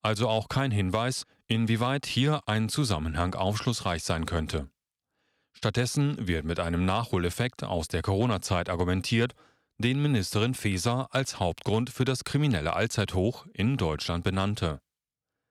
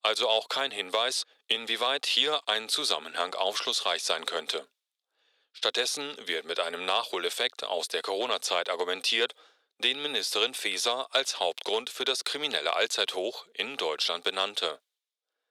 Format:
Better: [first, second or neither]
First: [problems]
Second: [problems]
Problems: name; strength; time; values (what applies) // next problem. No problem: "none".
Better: first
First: none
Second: thin; very; fading below 450 Hz